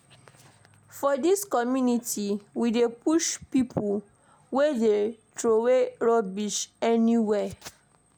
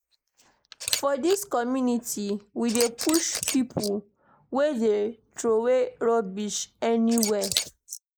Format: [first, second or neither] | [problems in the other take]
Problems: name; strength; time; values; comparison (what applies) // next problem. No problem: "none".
first | noise reduction (neural mask model Resemble Enhance denoiser)